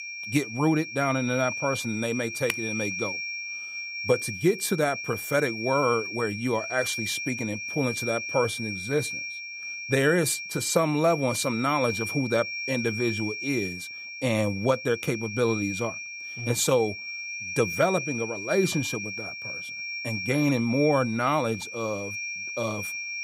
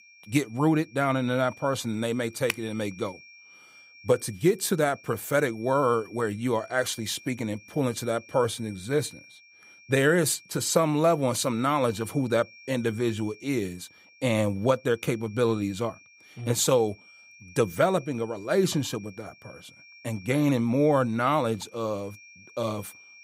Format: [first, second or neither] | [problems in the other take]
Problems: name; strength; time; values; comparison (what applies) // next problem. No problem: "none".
second | high-pitched whine; loud; throughout; 2.5 kHz, 5 dB below the speech; faint in the second